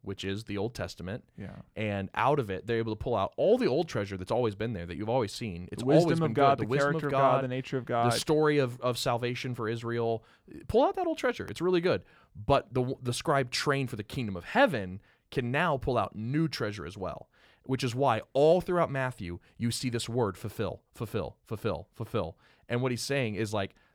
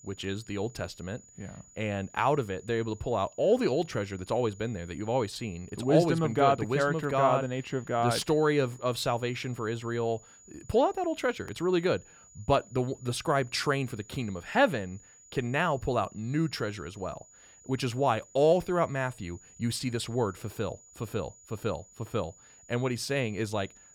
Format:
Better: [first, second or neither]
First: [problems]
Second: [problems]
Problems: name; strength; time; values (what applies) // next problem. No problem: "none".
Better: first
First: none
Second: high-pitched whine; faint; throughout; 7 kHz, 25 dB below the speech